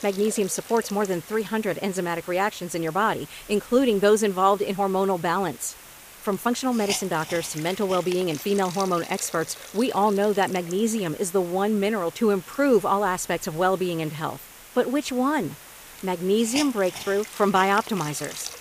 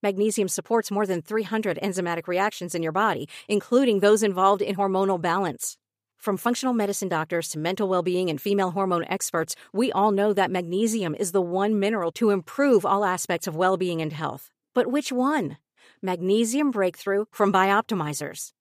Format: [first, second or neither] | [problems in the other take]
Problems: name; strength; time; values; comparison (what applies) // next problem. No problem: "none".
second | hiss; noticeable; throughout; 15 dB below the speech